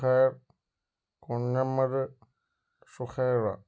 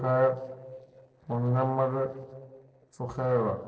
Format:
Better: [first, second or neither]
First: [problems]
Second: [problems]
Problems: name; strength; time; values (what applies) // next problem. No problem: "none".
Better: first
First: none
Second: noise reduction (neural separator model SepFormer DNS4)